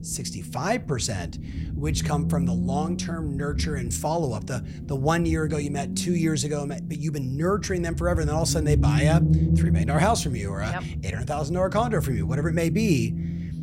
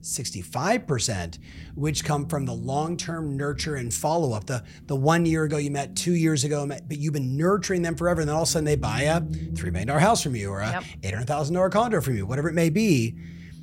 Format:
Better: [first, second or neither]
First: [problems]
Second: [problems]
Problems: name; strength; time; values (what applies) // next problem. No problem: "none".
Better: second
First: low rumble; loud; throughout; 9 dB below the speech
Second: low rumble; faint; throughout; 20 dB below the speech